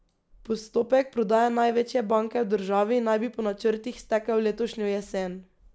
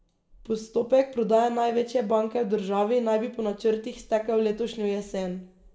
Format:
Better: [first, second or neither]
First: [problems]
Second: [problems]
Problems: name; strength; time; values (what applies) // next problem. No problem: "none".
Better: first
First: none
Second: room echo; dies away in 0.5 s